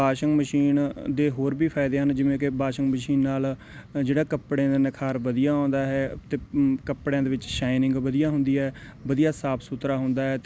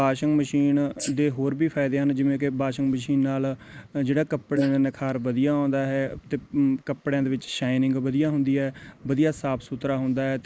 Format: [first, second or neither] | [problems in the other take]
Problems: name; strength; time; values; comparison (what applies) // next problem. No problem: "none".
first | noise reduction (neural mask model Resemble Enhance denoiser)